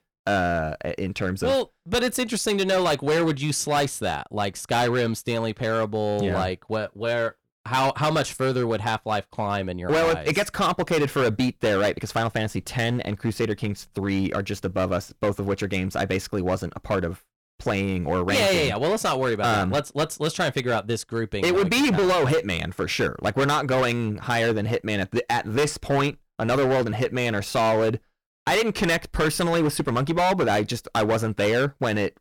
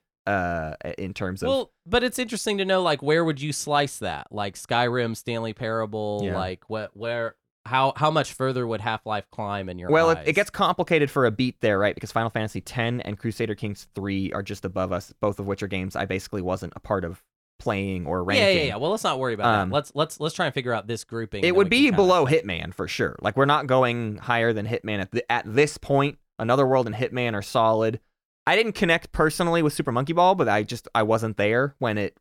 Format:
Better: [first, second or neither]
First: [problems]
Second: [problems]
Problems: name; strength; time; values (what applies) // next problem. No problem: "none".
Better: second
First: distortion; heavy; 13% of the sound clipped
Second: none